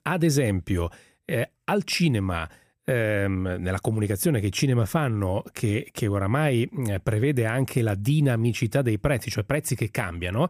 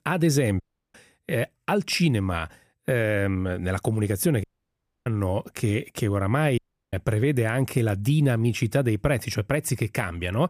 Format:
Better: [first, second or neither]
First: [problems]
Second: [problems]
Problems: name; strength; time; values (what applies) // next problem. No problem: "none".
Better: first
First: none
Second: audio cutting out; at 0.5 s, at 4.5 s for 0.5 s and at 6.5 s